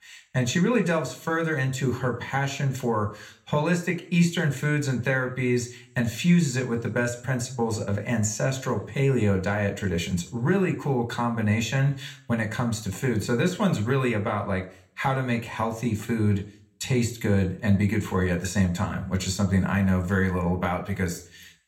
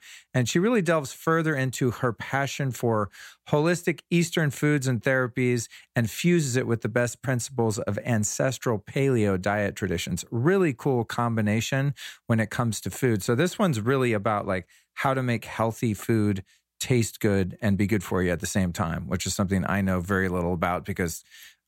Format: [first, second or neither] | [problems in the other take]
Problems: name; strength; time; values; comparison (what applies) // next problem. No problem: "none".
second | room echo; very slight; dies away in 0.4 s